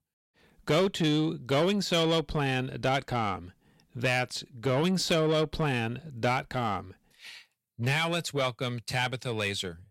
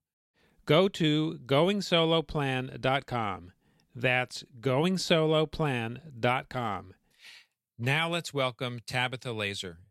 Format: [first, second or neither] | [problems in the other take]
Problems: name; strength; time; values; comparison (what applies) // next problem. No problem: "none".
second | distortion; slight; 10 dB below the speech